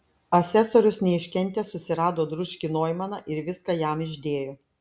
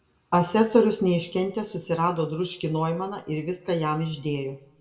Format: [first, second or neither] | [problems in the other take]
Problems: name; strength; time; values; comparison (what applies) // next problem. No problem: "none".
first | room echo; dies away in 0.6 s